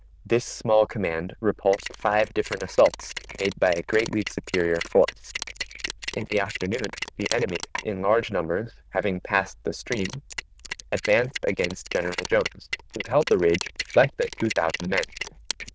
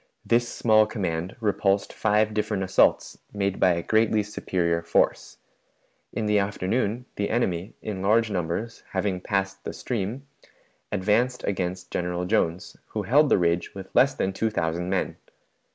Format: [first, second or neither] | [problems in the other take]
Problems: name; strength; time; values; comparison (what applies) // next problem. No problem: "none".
second | noise reduction (neural diffusion model UNIVERSE++)